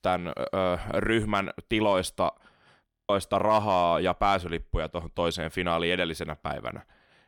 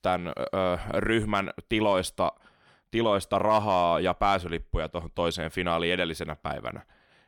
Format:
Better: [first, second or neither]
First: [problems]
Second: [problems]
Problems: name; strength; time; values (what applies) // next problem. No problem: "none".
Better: second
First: audio freezing; at 3 s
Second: none